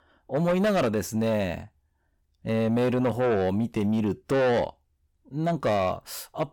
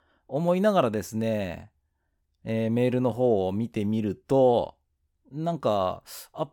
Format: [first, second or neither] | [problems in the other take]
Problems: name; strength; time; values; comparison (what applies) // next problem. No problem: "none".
second | distortion; heavy; 8 dB below the speech